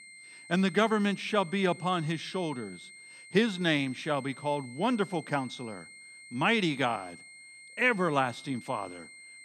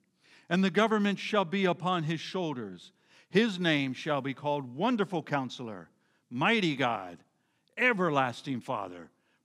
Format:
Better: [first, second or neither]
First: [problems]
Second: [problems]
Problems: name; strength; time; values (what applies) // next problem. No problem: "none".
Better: second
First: high-pitched whine; noticeable; throughout; 2 kHz, 20 dB below the speech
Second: none